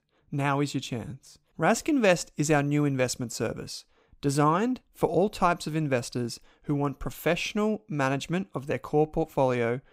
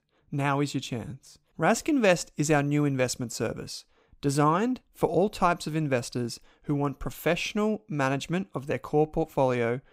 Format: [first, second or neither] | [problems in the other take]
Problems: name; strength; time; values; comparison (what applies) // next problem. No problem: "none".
neither | none